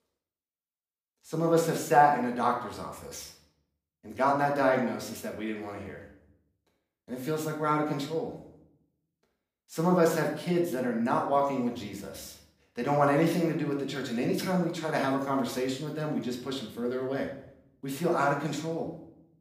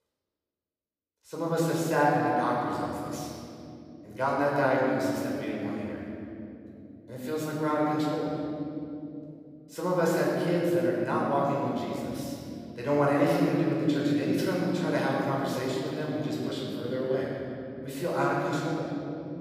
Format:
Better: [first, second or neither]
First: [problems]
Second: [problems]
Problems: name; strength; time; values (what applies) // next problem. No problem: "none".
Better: first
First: room echo; slight; dies away in 0.6 s // off-mic speech; somewhat distant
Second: room echo; strong; dies away in 3 s // off-mic speech; far